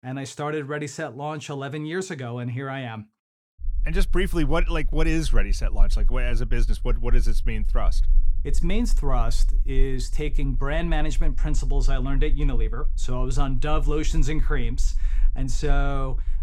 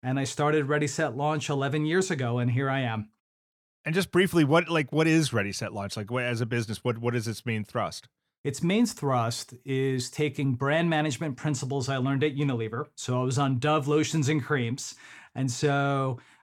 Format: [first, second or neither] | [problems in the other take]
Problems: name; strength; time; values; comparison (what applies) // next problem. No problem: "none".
second | low rumble; faint; from 3.5 s on; 25 dB below the speech